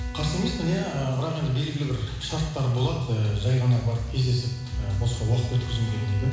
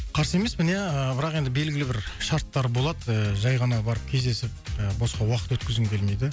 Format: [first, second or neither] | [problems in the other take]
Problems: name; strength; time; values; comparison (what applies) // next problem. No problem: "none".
second | background sound (Bowed string instrument); 19 dB below the speech // room echo; dies away in 1 s